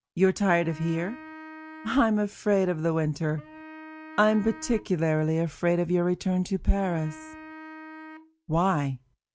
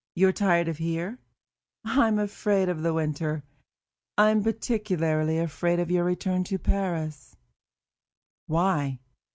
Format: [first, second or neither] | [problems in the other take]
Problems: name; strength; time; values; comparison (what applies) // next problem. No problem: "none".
second | background sound (Wind instrument, woodwind instrument); 19 dB below the speech